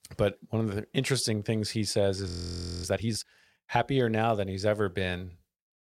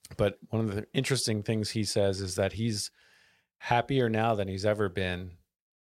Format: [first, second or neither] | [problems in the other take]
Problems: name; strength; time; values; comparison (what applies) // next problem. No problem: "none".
second | audio freezing; at 2.5 s for 0.5 s